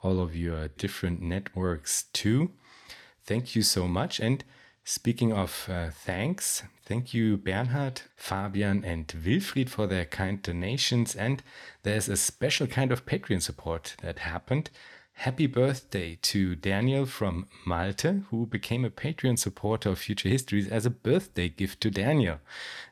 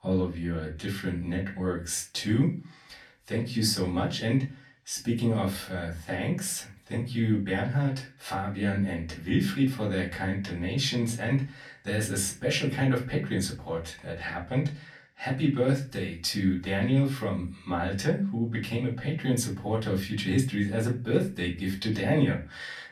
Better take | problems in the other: first | off-mic speech; far // room echo; very slight; dies away in 0.3 s

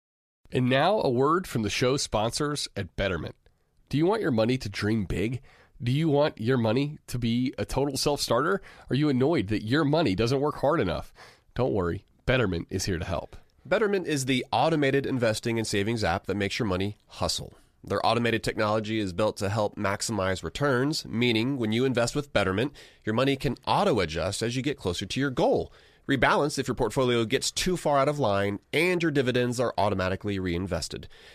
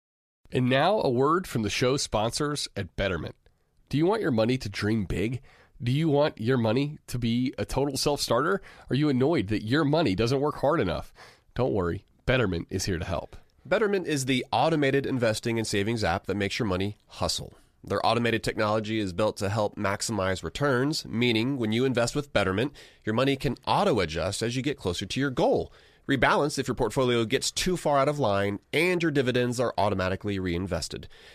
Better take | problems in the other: neither | none

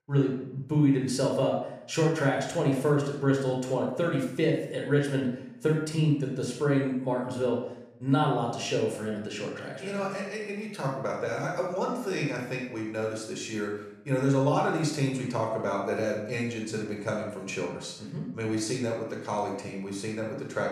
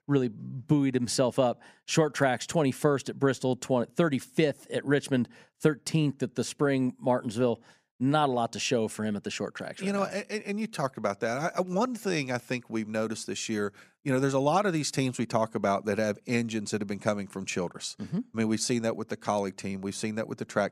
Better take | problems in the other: second | off-mic speech; somewhat distant // room echo; noticeable; dies away in 0.6 s

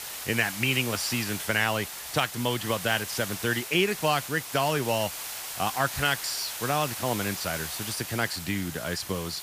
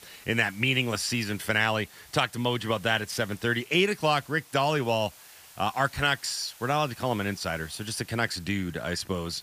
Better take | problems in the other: second | hiss; loud; throughout; 6 dB below the speech; faint in the second

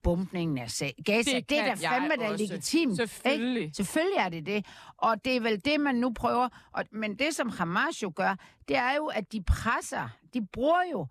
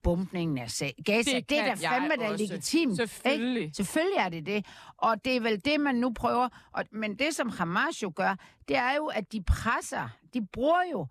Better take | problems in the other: neither | none

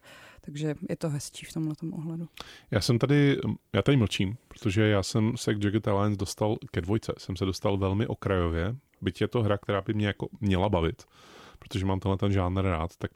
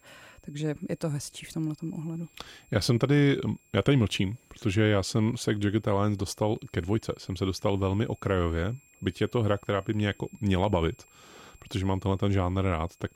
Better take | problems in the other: first | high-pitched whine; faint; throughout; 7.5 kHz, 30 dB below the speech

